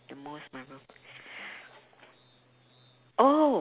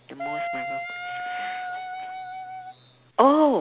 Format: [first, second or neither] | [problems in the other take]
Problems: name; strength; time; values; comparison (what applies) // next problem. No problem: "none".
first | background sound (Wind instrument, woodwind instrument); 7 dB below the speech